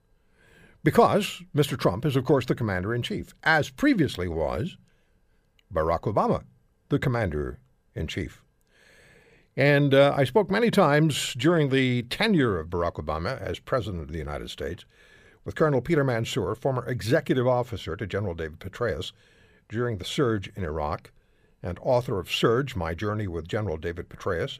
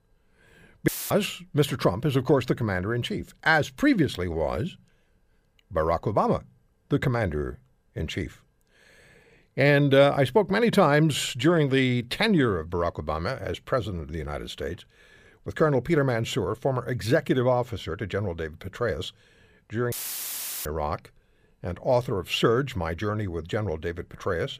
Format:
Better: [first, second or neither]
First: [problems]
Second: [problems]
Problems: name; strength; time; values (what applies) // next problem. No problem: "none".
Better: first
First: none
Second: audio cutting out; filled with static; at 1 s and at 20 s for 0.5 s